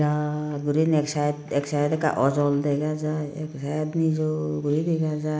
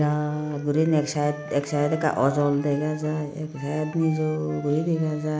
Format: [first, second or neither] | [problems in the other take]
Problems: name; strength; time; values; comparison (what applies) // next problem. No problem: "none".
first | background sound (Wind instrument, woodwind instrument); 17 dB below the speech